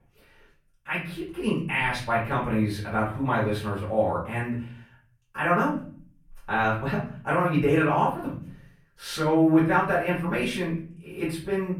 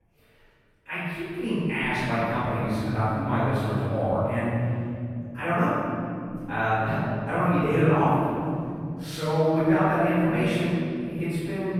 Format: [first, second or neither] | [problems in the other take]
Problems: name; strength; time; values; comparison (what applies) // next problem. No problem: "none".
first | room echo; strong; dies away in 3 s; slight in the first // off-mic speech; far; far in the first